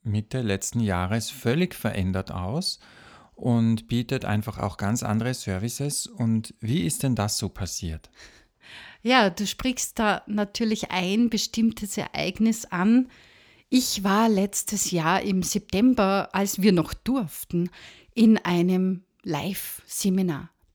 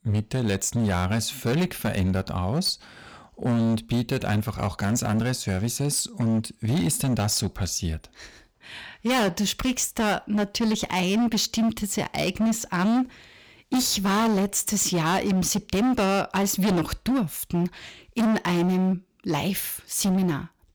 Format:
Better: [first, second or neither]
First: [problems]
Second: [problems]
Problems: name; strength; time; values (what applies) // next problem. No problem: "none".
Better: first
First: none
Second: distortion; heavy; 16% of the sound clipped